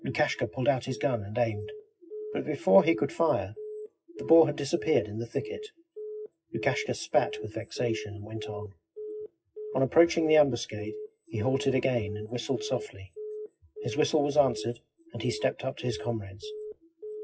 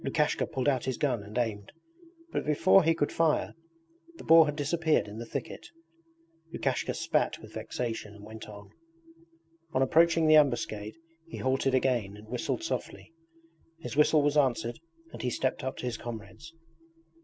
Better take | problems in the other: second | noise reduction (classical method WPE with log-MMSE)

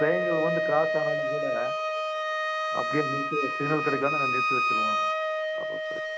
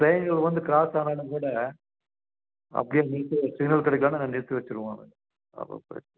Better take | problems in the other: second | background sound (Wind instrument, woodwind instrument); 4 dB above the speech

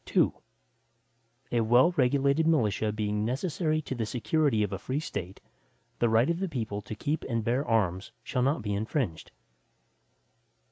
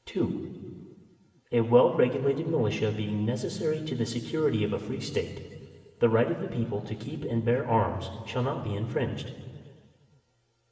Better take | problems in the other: first | room echo; dies away in 2 s

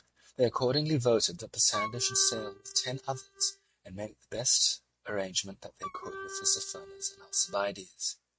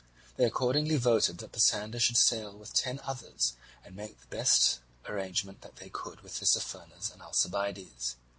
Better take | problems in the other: second | noise reduction (neural mask model RNNoise)

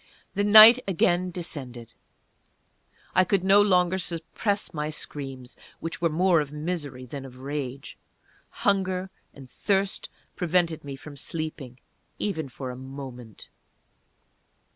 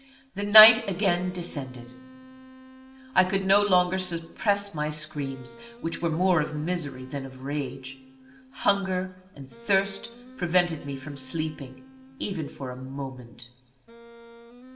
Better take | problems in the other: first | background sound (Wind instrument, woodwind instrument); 20 dB below the speech // room echo; dies away in 0.6 s

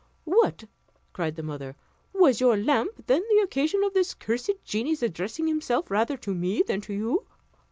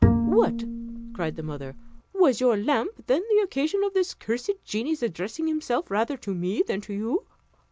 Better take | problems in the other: first | background sound (Bowed string instrument); as loud as the speech

